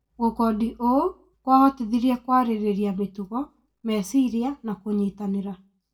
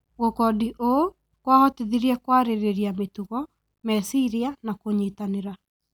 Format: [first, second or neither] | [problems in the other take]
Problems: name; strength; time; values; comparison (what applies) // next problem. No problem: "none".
second | room echo; dies away in 0.2 s